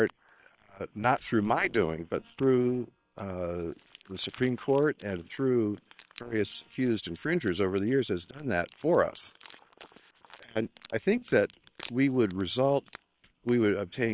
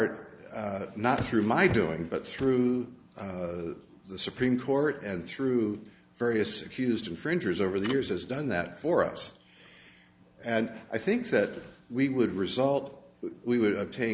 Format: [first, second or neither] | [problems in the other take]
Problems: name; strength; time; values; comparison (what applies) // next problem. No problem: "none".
second | noise reduction (neural separator model SepFormer WHAM!)